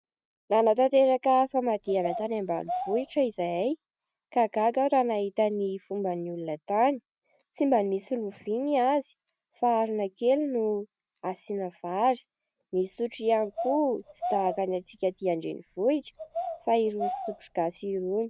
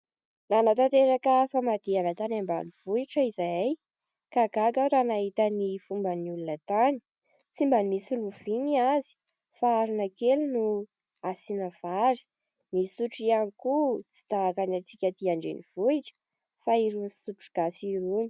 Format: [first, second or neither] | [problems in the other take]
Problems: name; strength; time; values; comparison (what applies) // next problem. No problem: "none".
second | background sound (Bird vocalization, bird call, bird song); 10 dB below the speech